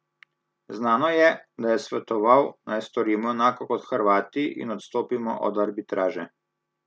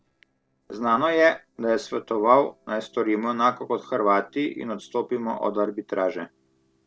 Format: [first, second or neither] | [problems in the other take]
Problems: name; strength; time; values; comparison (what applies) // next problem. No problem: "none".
first | noise reduction (neural separator model SepFormer DNS4)